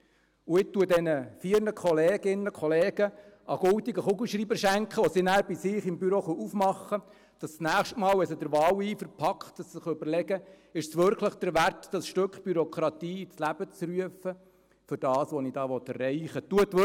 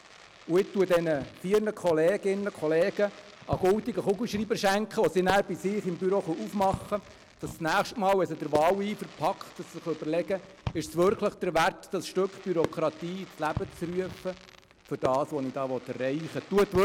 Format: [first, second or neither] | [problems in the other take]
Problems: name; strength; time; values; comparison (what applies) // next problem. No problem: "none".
first | background sound (Fireworks); 15 dB below the speech